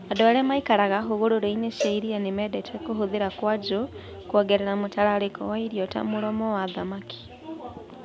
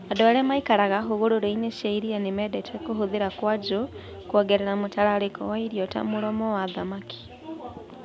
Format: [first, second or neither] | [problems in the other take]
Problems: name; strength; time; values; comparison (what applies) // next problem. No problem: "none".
second | background sound (Cowbell); 12 dB below the speech